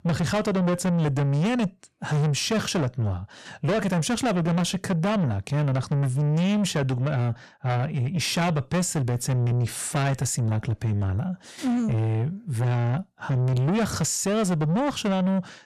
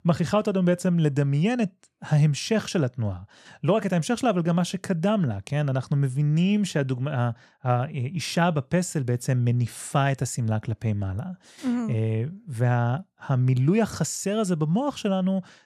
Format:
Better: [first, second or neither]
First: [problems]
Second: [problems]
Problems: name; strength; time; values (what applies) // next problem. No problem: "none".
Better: second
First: distortion; heavy; 8 dB below the speech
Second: none